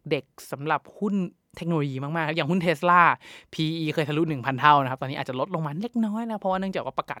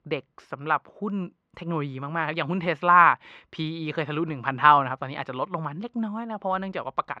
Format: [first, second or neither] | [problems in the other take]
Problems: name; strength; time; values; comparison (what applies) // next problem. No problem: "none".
first | muffled; slightly; fading above 3 kHz